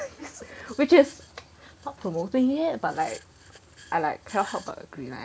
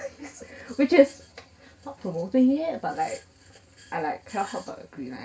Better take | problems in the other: first | room echo; dies away in 0.2 s

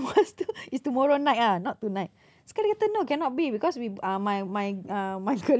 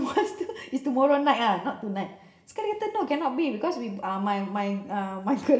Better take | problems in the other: first | room echo; dies away in 0.7 s

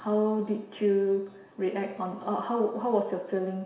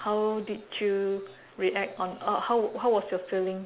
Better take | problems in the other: second | room echo; dies away in 0.7 s

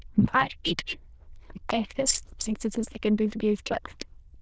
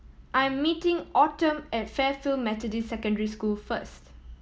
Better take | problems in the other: second | noise reduction (neural diffusion model UNIVERSE++)

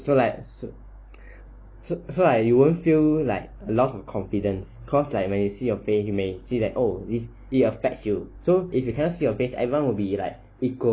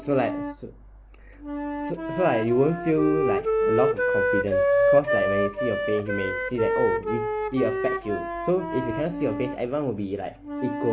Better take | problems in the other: first | background sound (Wind instrument, woodwind instrument); 1 dB above the speech

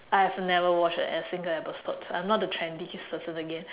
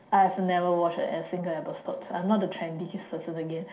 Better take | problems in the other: first | room echo; dies away in 0.3 s

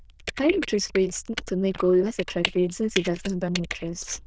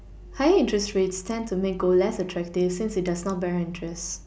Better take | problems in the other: second | noise reduction (neural diffusion model UNIVERSE++)

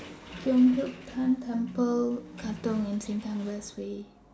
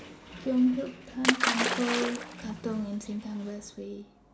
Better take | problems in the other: first | background sound (Splash, splatter); as loud as the speech

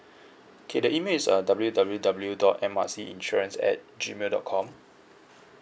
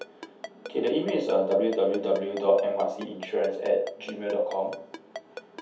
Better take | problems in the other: first | background sound (Ringtone); 16 dB below the speech // room echo; dies away in 0.6 s

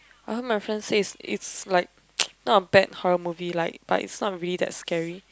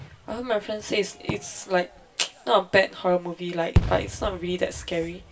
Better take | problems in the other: first | background sound (Fireworks); 6 dB below the speech // room echo; dies away in 0.2 s

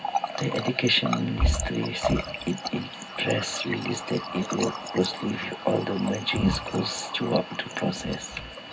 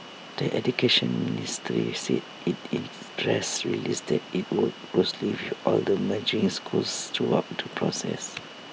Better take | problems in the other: second | background sound (Water tap, faucet); 4 dB below the speech // room echo; dies away in 0.4 s

